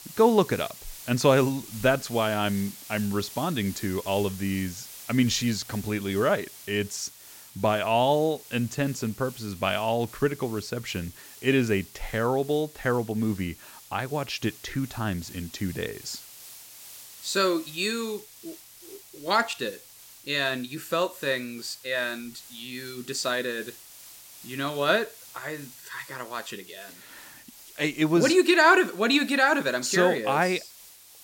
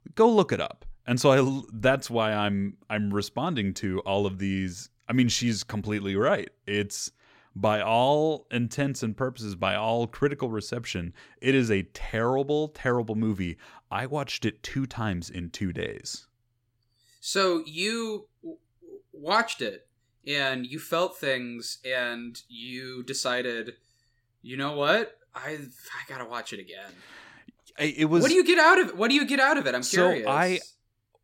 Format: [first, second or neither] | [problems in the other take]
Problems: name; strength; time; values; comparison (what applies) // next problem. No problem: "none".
second | hiss; noticeable; throughout; 15 dB below the speech